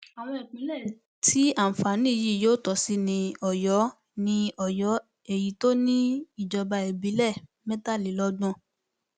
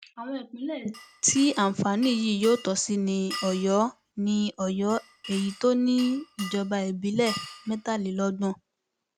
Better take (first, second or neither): first